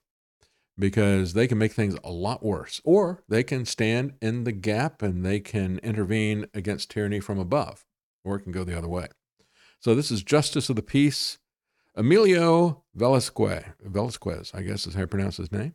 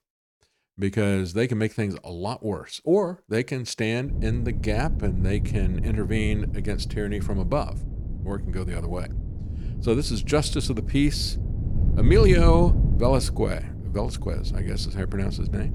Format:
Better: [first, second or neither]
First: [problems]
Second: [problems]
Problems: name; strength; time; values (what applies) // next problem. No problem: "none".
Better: first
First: none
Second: wind noise on the microphone; occasional gusts; from 4 s on; 10 dB below the speech